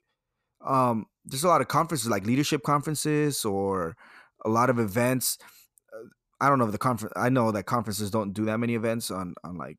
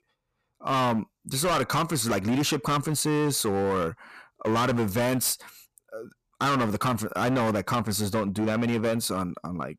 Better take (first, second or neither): first